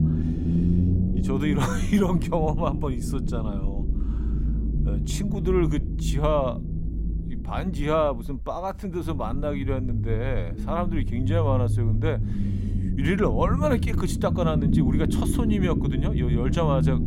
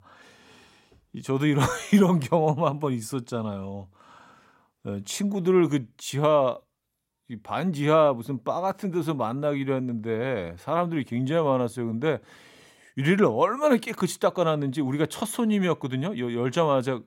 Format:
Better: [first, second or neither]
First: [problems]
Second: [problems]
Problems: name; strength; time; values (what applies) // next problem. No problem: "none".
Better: second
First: low rumble; loud; throughout; 8 dB below the speech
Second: none